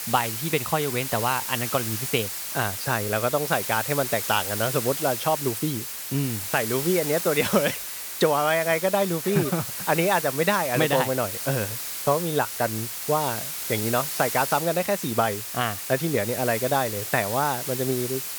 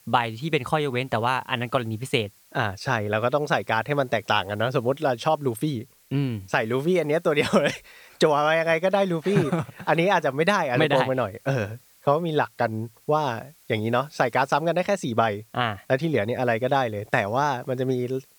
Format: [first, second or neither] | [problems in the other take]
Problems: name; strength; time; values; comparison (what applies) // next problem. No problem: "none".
second | hiss; loud; throughout; 4 dB below the speech; faint in the second